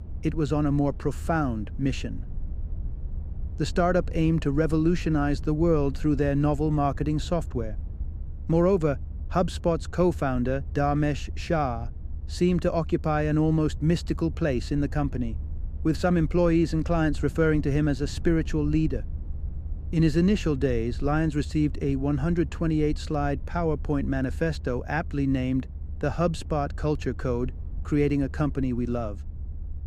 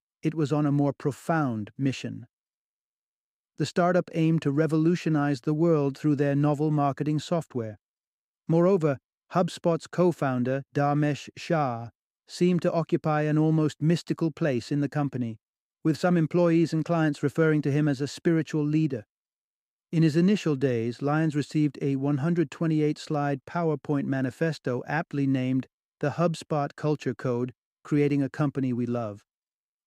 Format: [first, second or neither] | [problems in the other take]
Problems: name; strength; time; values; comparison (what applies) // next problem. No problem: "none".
second | low rumble; faint; throughout; 25 dB below the speech